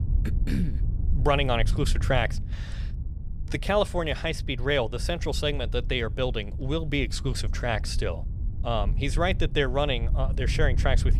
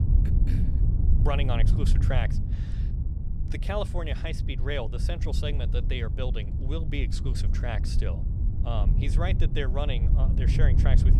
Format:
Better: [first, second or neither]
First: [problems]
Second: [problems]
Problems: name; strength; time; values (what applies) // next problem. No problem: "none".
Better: first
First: wind noise on the microphone; occasional gusts; 20 dB below the speech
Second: wind noise on the microphone; heavy; 7 dB below the speech